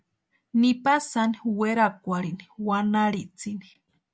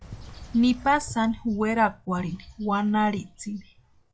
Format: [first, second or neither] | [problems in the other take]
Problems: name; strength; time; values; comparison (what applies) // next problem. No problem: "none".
first | noise reduction (classical method log-MMSE)